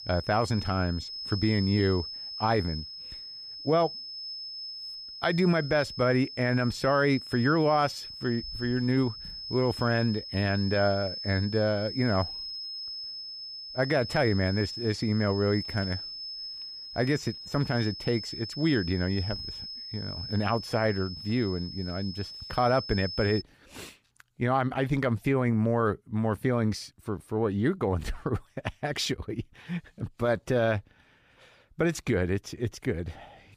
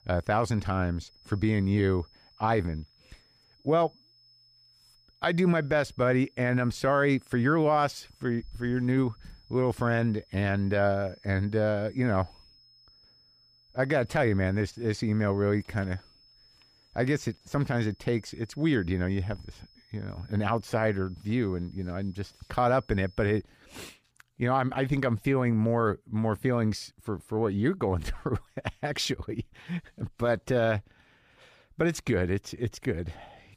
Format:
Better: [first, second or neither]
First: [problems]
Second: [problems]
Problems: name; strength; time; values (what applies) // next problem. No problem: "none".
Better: second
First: high-pitched whine; loud; until 23 s; 5 kHz, 9 dB below the speech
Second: high-pitched whine; faint; until 23 s; 5 kHz, 30 dB below the speech